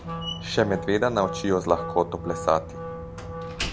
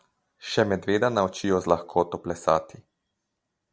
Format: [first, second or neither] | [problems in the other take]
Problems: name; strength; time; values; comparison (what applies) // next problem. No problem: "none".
second | background sound (Slam + Wind instrument, woodwind instrument); 7 dB below the speech